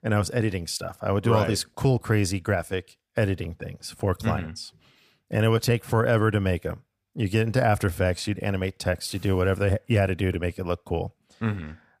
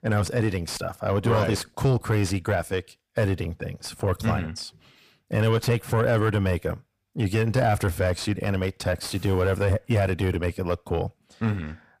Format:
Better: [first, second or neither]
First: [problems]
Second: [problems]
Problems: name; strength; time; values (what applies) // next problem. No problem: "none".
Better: first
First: none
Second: distortion; slight; 10 dB below the speech